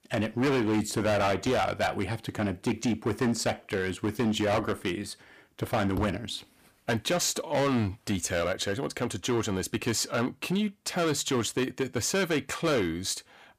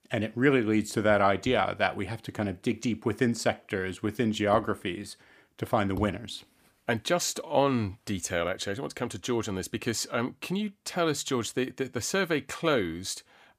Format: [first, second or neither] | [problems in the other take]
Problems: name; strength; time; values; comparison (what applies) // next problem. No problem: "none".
second | distortion; heavy; 11% of the sound clipped